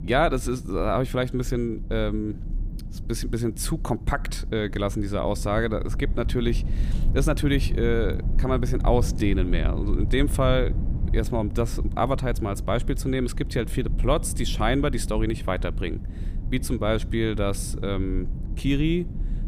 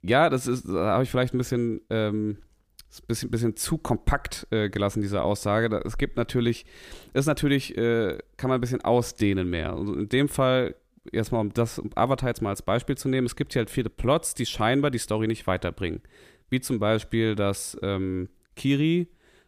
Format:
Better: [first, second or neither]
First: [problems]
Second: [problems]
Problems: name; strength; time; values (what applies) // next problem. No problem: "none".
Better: second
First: low rumble; noticeable; throughout; 15 dB below the speech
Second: none